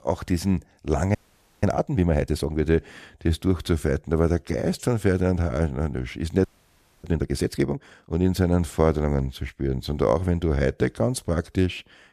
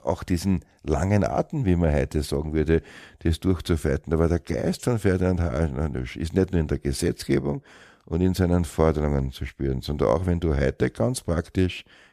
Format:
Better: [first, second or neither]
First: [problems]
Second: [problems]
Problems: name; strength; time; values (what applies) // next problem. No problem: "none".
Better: second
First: audio freezing; at 1 s and at 6.5 s for 0.5 s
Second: none